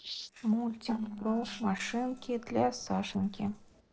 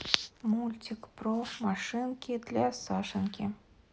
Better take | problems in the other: second | noise reduction (neural separator model SepFormer DNS4)

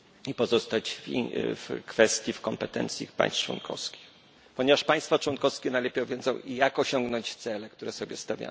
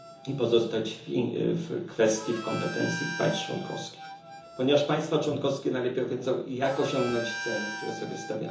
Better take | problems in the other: first | background sound (Harmonica); 12 dB below the speech // room echo; dies away in 0.7 s

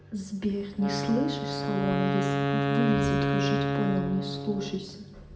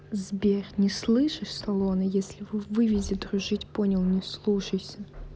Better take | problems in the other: second | background sound (Wind instrument, woodwind instrument); 1 dB above the speech // room echo; dies away in 1.4 s

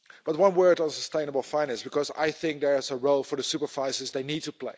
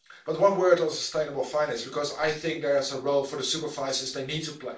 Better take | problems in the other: first | room echo; dies away in 0.3 s

